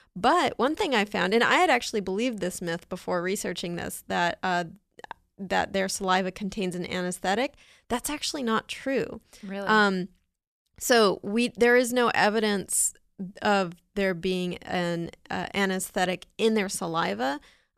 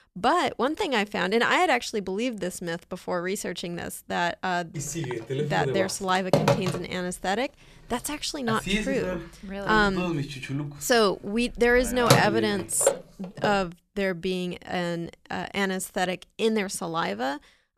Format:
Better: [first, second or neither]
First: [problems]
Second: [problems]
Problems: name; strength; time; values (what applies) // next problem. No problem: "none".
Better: first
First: none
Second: phone ringing; loud; from 5 to 13 s; peak 5 dB above the speech